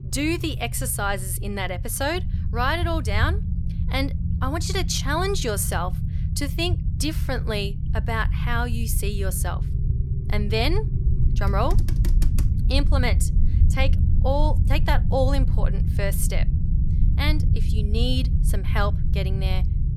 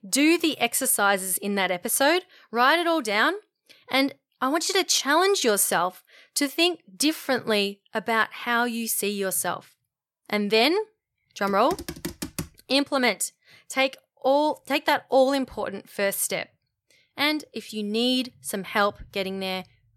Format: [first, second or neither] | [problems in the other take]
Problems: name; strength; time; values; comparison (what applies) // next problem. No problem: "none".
second | low rumble; noticeable; throughout; 10 dB below the speech